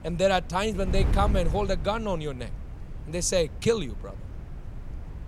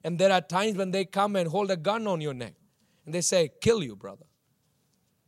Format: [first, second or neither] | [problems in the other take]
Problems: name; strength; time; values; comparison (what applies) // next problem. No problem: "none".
second | wind noise on the microphone; occasional gusts; 20 dB below the speech